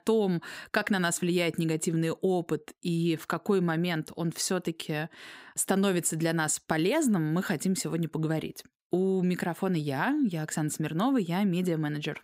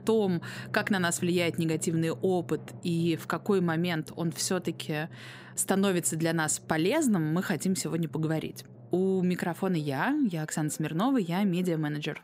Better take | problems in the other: first | background music; noticeable; throughout; 20 dB below the speech

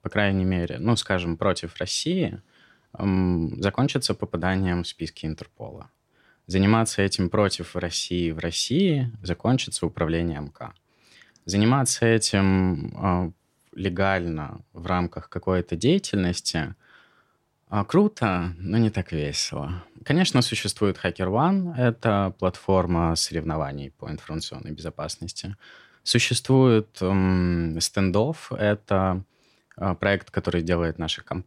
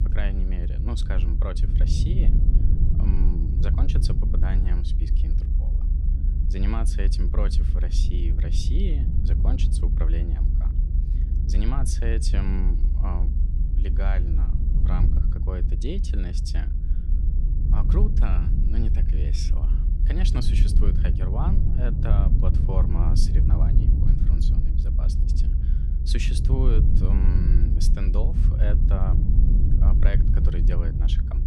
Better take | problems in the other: first | low rumble; loud; throughout; 3 dB below the speech

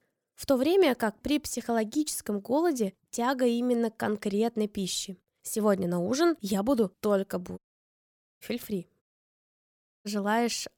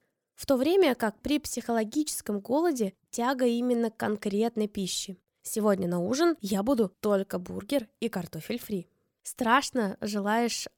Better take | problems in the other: second | audio cutting out; at 7.5 s for 1 s and at 9 s for 1 s

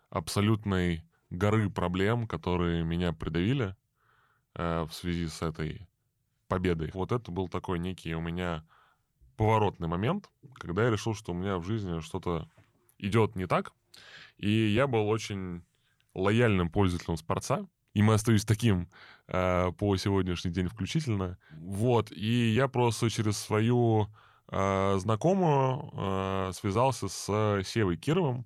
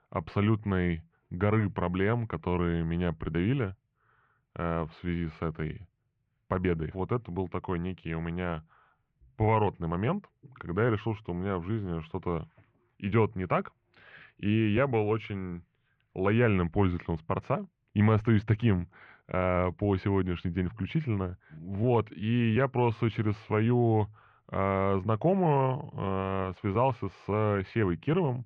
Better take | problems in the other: first | muffled; very; fading above 2.5 kHz

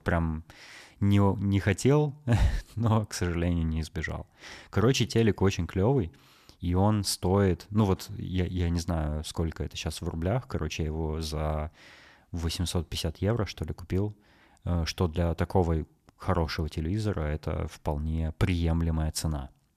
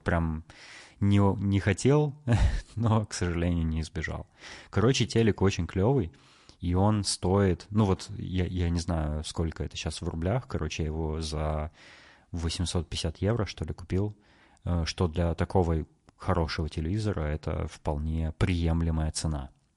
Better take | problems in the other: first | garbled, watery; slightly; nothing above 10.5 kHz

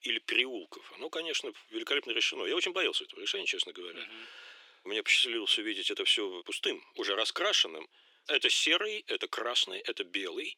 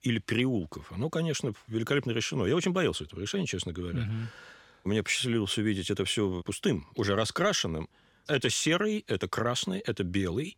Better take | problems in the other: second | thin; very; fading below 350 Hz

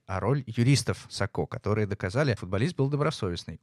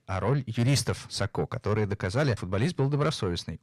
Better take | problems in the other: first | distortion; slight; 10 dB below the speech

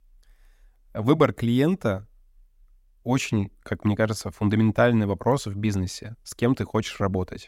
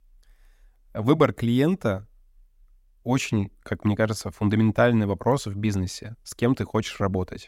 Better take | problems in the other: neither | none

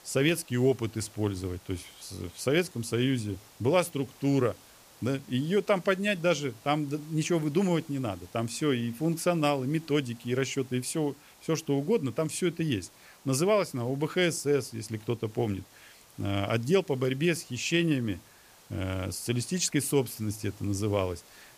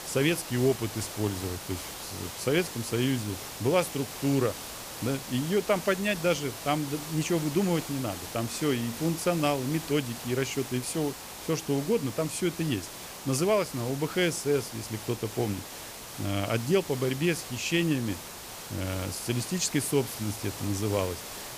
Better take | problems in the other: first | hiss; loud; throughout; 9 dB below the speech; faint in the first

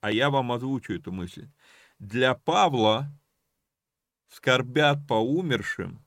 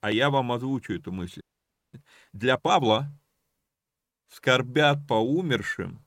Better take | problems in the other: first | audio freezing; at 1.5 s for 0.5 s

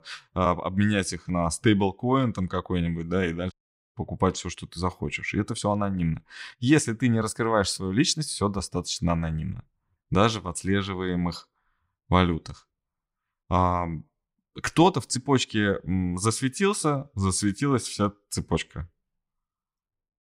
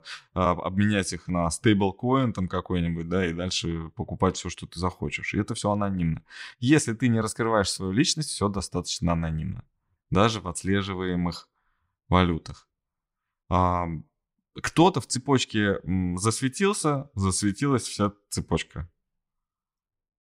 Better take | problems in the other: second | audio cutting out; at 3.5 s

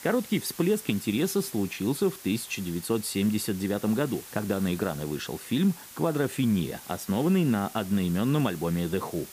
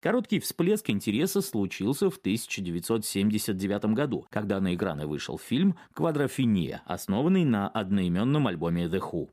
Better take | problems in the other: second | hiss; noticeable; throughout; 15 dB below the speech

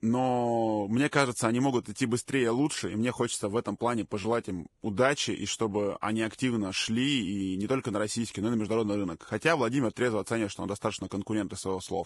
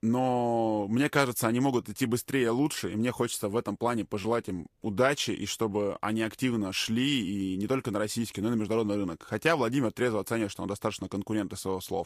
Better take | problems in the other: second | garbled, watery; badly; nothing above 10.5 kHz; slightly in the second

